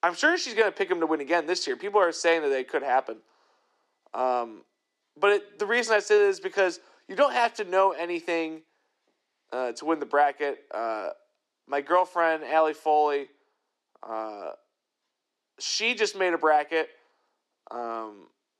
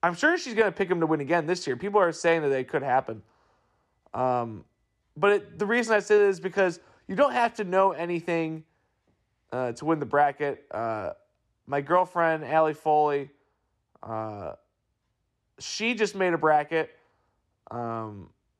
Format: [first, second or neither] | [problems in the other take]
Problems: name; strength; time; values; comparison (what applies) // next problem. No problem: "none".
second | thin; somewhat; fading below 300 Hz